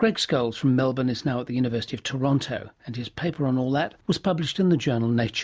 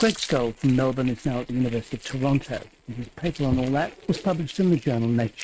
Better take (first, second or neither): first